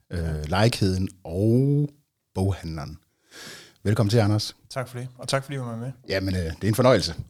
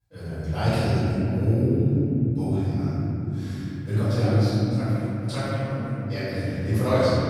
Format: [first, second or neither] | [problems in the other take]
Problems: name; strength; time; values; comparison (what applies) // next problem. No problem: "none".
first | off-mic speech; far // room echo; strong; dies away in 3 s